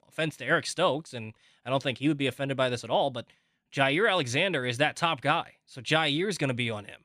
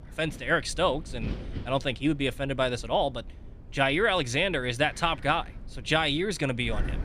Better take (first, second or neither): first